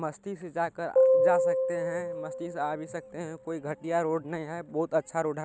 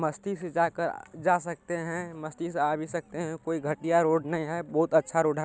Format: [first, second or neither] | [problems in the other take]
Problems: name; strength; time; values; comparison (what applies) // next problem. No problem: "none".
second | background sound (Piano); 4 dB above the speech